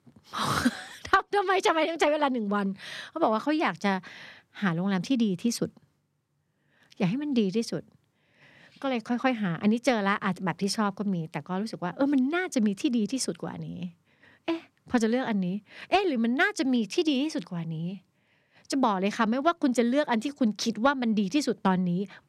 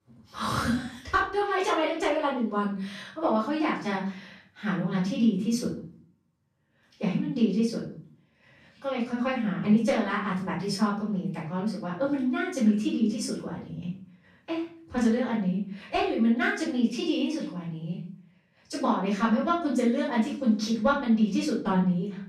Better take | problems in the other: first | off-mic speech; far // room echo; noticeable; dies away in 0.5 s

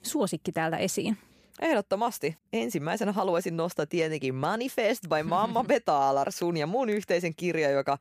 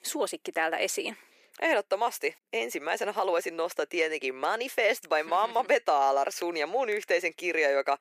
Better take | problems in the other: first | thin; very; fading below 350 Hz

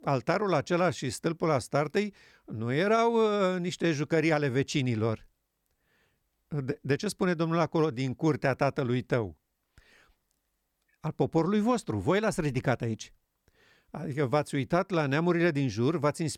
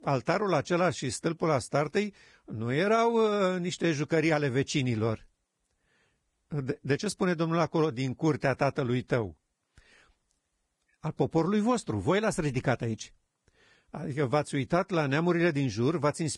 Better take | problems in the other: first | garbled, watery; badly; nothing above 10 kHz

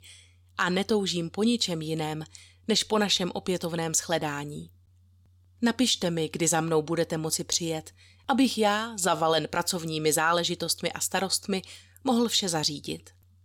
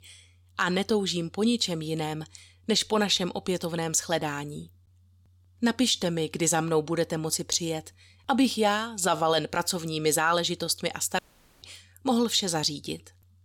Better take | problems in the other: first | audio cutting out; at 11 s

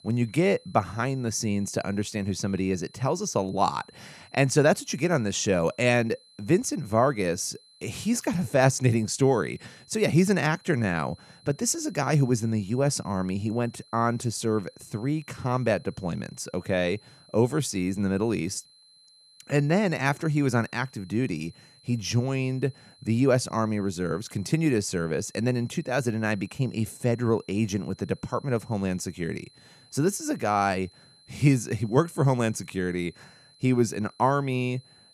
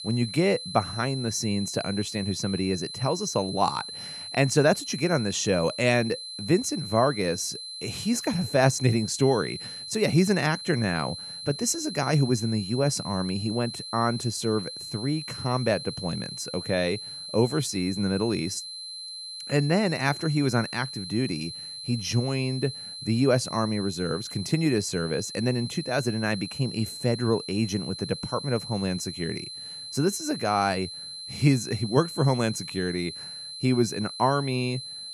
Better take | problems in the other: first | high-pitched whine; loud; throughout; 4 kHz, 9 dB below the speech; faint in the first

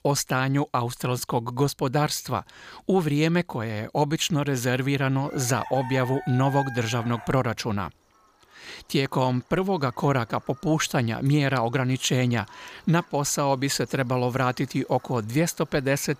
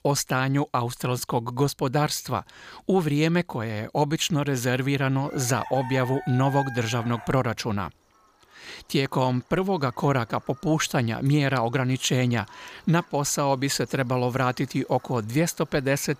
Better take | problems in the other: neither | animal sounds; noticeable; throughout; 20 dB below the speech; the same in both

